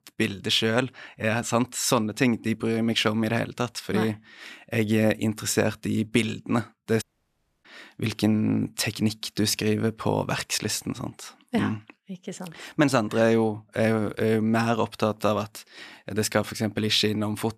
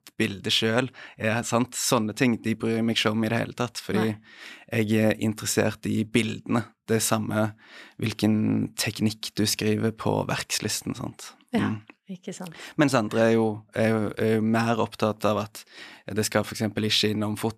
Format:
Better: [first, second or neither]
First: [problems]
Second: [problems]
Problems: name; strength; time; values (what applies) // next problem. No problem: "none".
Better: second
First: audio cutting out; at 7 s for 0.5 s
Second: none